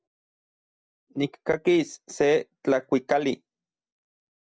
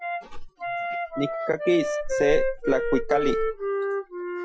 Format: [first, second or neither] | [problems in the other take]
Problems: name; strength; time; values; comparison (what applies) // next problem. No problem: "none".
first | noise reduction (classical method Wiener filter)